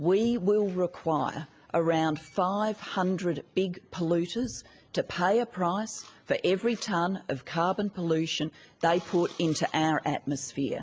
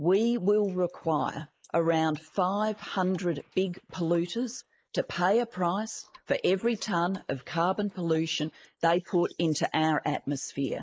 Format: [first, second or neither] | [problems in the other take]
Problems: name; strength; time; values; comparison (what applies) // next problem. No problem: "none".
first | noise reduction (neural mask model Resemble Enhance denoiser)